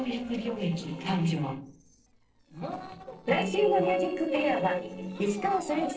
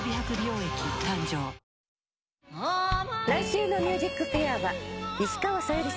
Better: second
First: noise reduction (neural separator model SepFormer DNS4)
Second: none

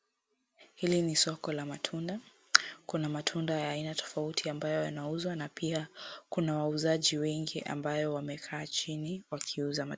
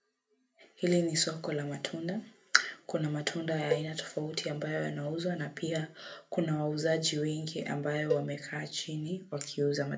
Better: first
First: none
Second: background sound (Cowbell); 6 dB below the speech // room echo; dies away in 0.3 s

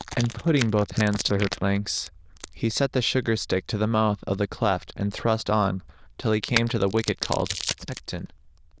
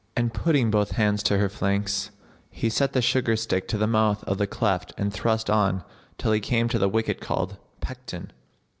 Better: second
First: noise reduction (neural diffusion model UNIVERSE++)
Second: none

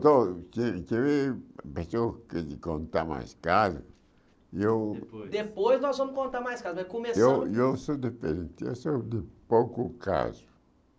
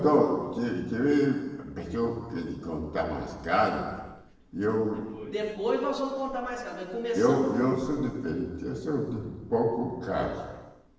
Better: first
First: none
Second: room echo; dies away in 1.2 s

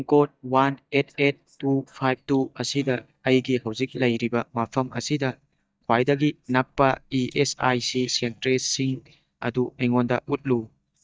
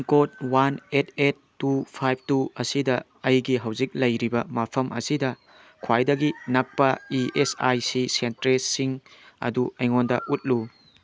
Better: second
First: noise reduction (neural mask model DeepFilterNet 3)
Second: none

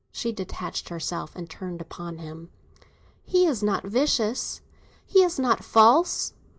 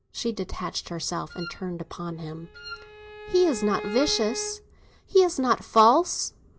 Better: first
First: none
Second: background sound (Wind instrument, woodwind instrument + Bowed string instrument); 12 dB below the speech

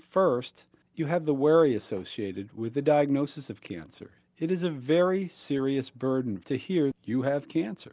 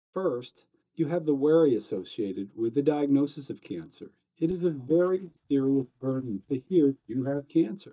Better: first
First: none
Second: noise reduction (neural mask model DeepFilterNet 3)

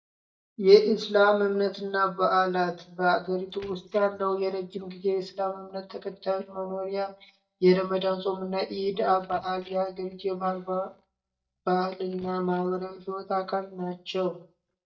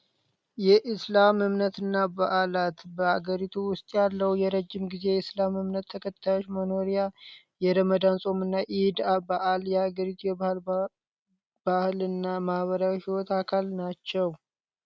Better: second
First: noise reduction (neural mask model DeepFilterNet 3)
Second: none

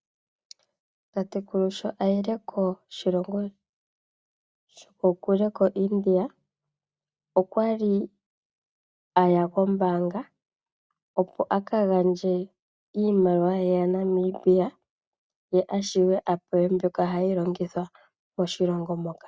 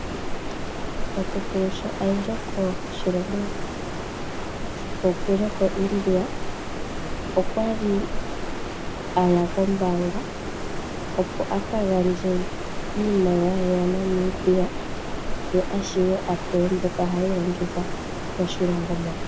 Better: first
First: none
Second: background sound (Stream); 3 dB below the speech // room echo; dies away in 0.9 s

